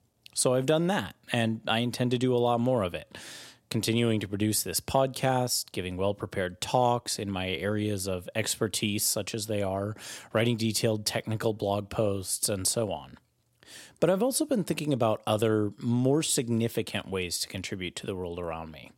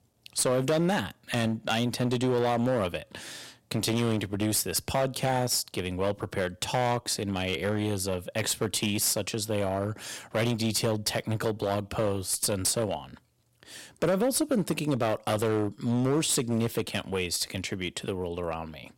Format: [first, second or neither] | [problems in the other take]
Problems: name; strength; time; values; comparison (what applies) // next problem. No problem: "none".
first | distortion; slight; 8% of the sound clipped